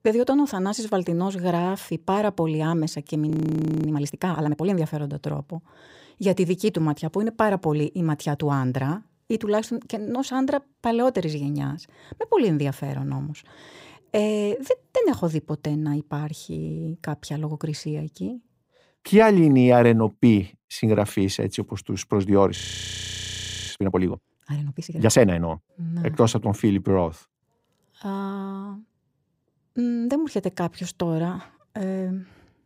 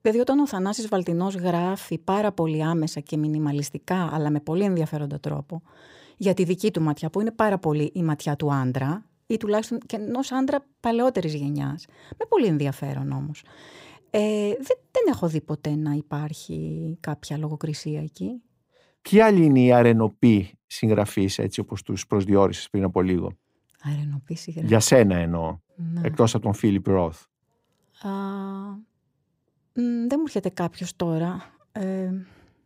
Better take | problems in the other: second | audio freezing; at 3.5 s for 0.5 s and at 23 s for 1 s

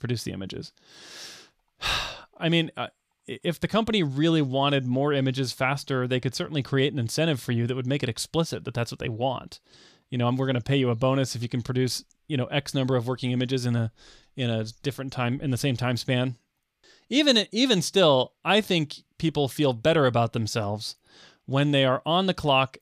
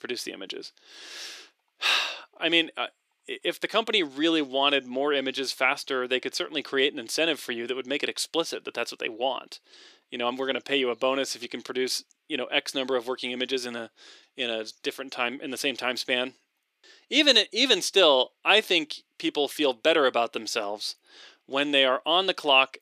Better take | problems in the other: first | thin; somewhat; fading below 350 Hz

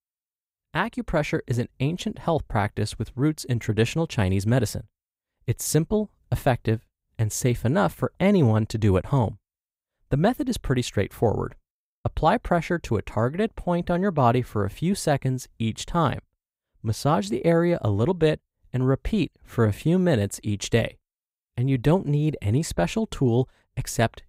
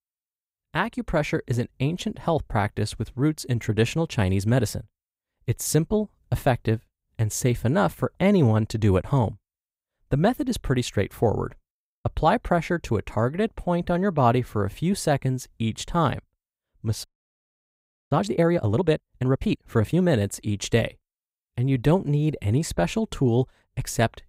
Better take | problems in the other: first | audio freezing; at 17 s for 1 s

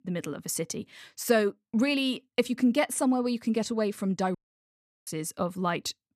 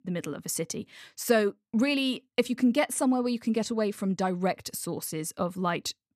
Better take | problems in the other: second | audio cutting out; at 4.5 s for 0.5 s

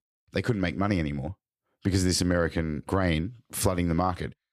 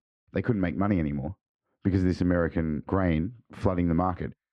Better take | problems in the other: first | muffled; very; fading above 2 kHz

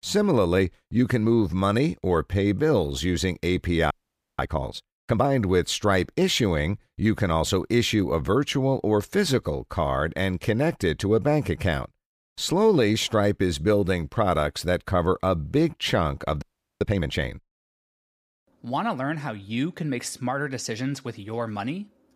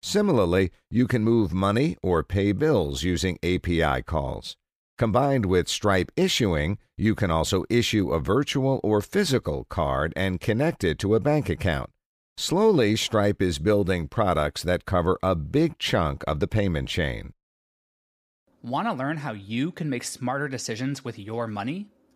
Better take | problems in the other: second | audio freezing; at 4 s and at 16 s

